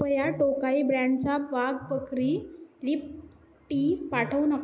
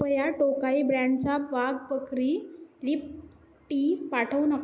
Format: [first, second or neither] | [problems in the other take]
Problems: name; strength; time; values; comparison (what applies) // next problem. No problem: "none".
second | background sound (Telephone); 18 dB below the speech